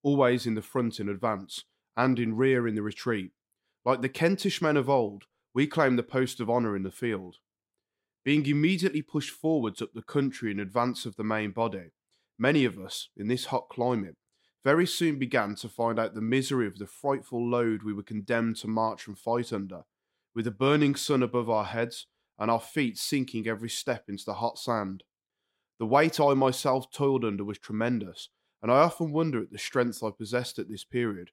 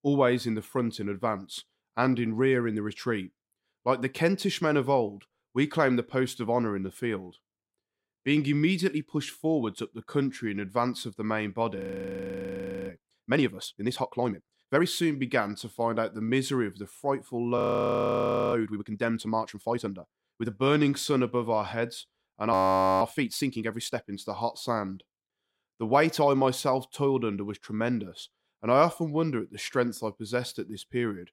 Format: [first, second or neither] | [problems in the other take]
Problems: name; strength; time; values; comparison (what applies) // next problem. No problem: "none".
first | audio freezing; at 12 s for 1 s, at 18 s for 1 s and at 23 s